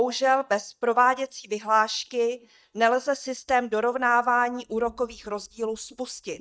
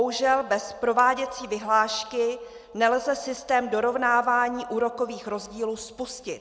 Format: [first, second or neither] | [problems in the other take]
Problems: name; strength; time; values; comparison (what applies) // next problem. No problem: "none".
second | noise reduction (neural mask model DeepFilterNet 3)